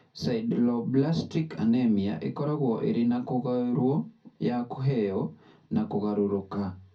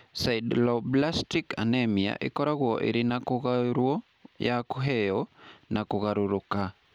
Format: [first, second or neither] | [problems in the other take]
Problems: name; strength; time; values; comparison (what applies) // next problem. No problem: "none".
second | room echo; dies away in 0.3 s